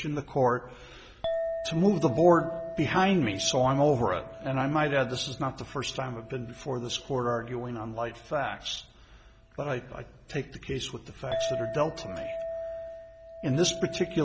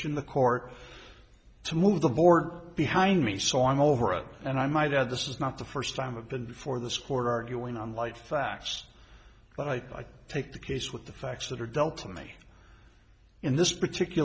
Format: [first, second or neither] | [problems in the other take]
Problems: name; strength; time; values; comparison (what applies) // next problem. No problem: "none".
second | background sound (Chink, clink); 10 dB below the speech